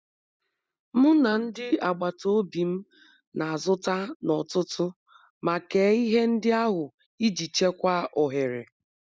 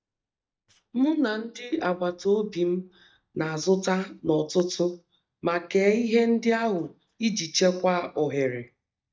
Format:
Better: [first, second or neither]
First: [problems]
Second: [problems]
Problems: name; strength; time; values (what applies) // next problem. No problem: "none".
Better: first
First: none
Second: noise reduction (neural mask model DeepFilterNet 3)